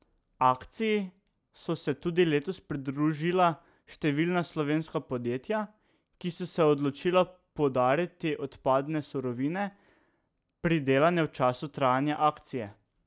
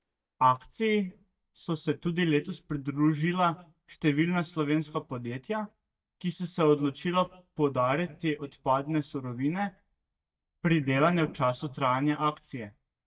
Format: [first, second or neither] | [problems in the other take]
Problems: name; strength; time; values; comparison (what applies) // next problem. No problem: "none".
first | noise reduction (neural mask model DeepFilterNet 3)